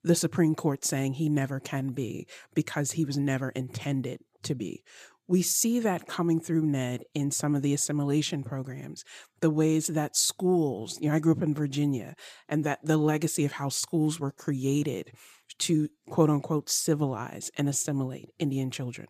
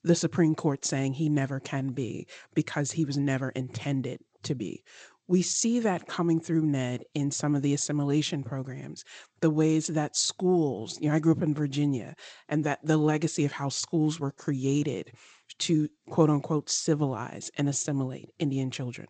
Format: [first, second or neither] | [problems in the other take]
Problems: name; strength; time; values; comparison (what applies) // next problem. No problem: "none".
first | garbled, watery; slightly; nothing above 8 kHz